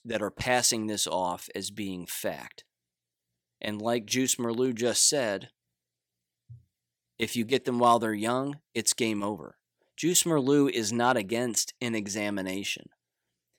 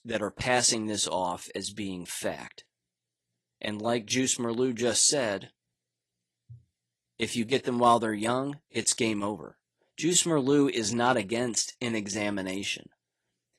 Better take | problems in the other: first | garbled, watery; slightly

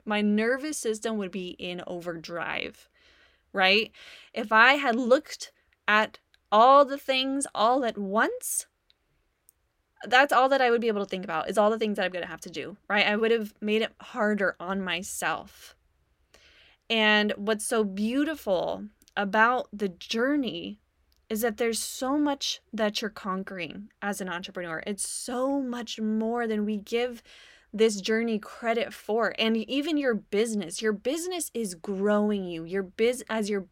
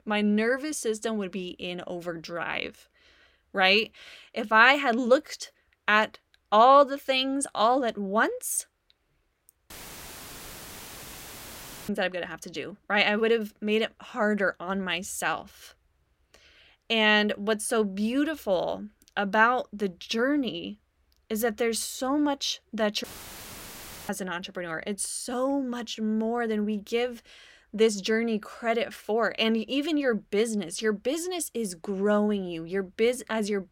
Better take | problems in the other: first | audio cutting out; filled with static; at 9.5 s for 2 s and at 23 s for 1 s

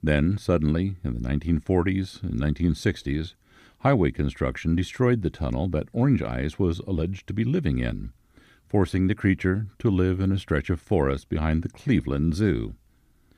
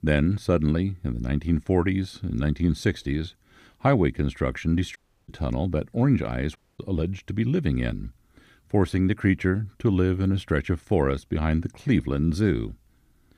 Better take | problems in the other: first | audio cutting out; at 5 s and at 6.5 s

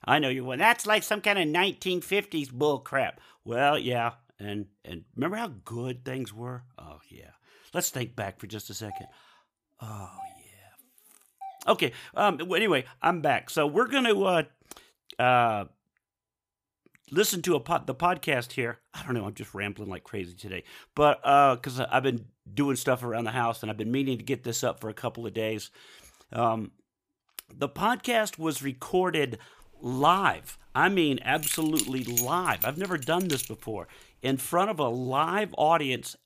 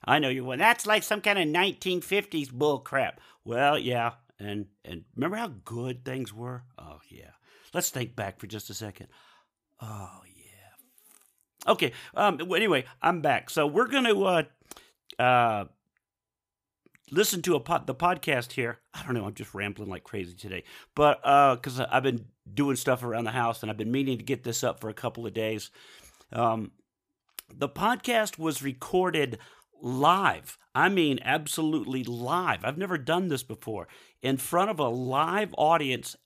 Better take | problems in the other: second | doorbell; faint; from 9 to 12 s; peak 15 dB below the speech // jangling keys; noticeable; from 31 to 33 s; peak 1 dB below the speech

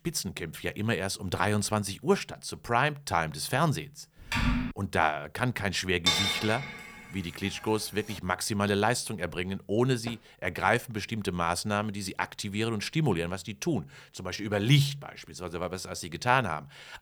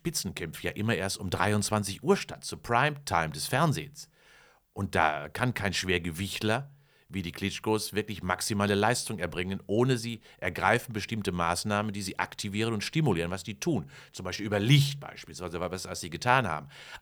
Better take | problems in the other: second | keyboard typing; loud; at 4.5 s; peak 1 dB above the speech // clattering dishes; loud; at 6 s; peak 5 dB above the speech // door banging; faint; at 10 s; peak 15 dB below the speech

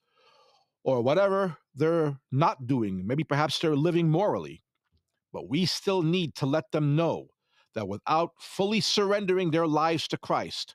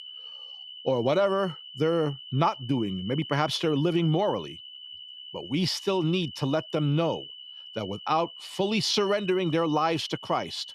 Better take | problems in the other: first | high-pitched whine; noticeable; throughout; 3 kHz, 15 dB below the speech

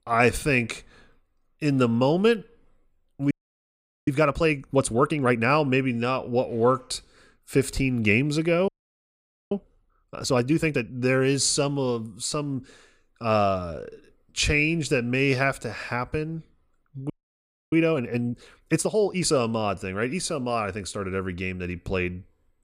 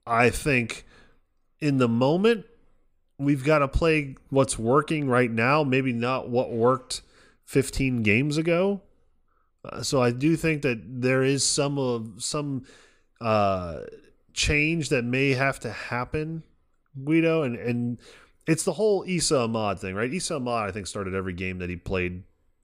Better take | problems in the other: second | audio freezing; at 3.5 s for 1 s, at 8.5 s for 1 s and at 17 s for 0.5 s

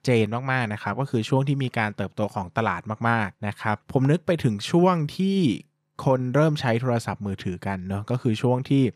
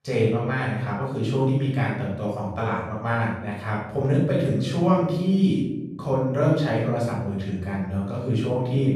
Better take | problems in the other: first | off-mic speech; far // room echo; noticeable; dies away in 1.2 s

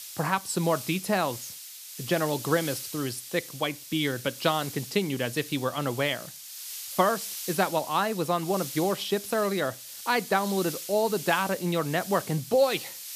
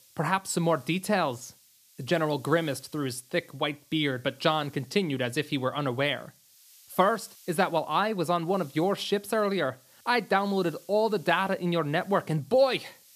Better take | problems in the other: second | hiss; loud; throughout; 10 dB below the speech; faint in the second

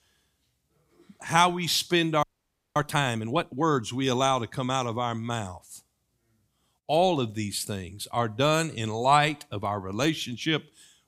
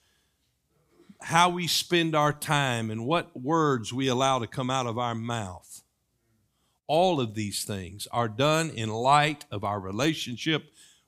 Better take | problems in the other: second | audio freezing; at 2 s for 0.5 s

